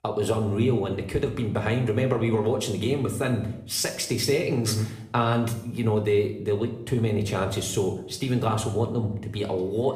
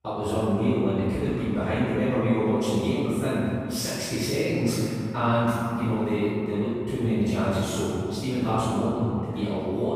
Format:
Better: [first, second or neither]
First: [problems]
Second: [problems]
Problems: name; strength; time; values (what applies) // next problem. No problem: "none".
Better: first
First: room echo; slight; dies away in 0.7 s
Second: room echo; strong; dies away in 2.3 s // off-mic speech; far